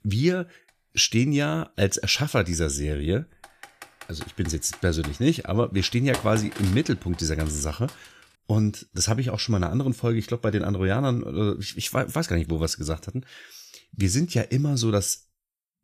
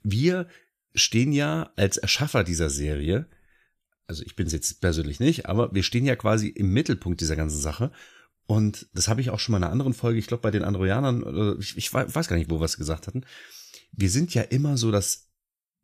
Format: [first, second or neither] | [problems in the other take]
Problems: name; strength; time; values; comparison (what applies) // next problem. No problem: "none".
second | keyboard typing; noticeable; from 3.5 to 8 s; peak 8 dB below the speech